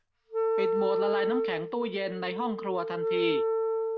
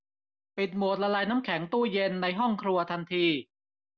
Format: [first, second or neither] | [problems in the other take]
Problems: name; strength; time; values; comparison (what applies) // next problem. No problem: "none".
second | background sound (Wind instrument, woodwind instrument); 4 dB above the speech